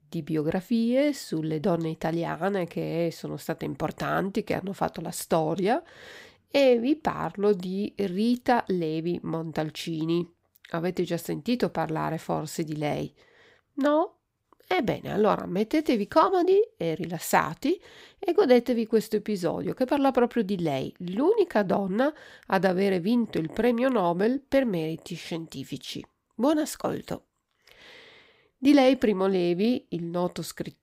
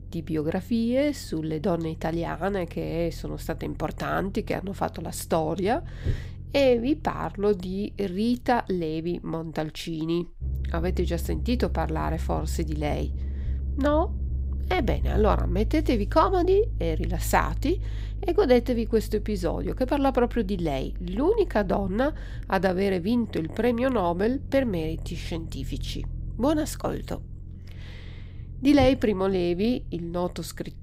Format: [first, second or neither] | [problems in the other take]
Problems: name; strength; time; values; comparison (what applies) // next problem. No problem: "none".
first | low rumble; faint; throughout; 25 dB below the speech